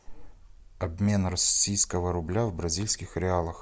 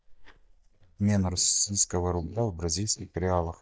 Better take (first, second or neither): first